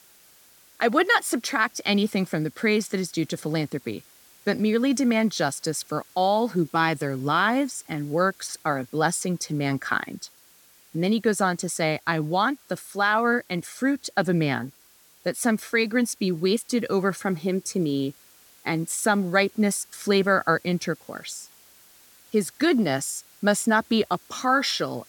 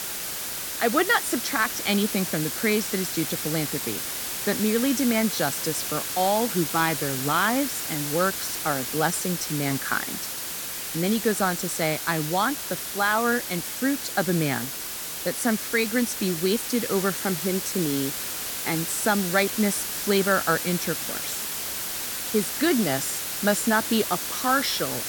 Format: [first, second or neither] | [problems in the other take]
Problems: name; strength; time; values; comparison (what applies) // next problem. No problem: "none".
first | hiss; loud; throughout; 3 dB below the speech; faint in the first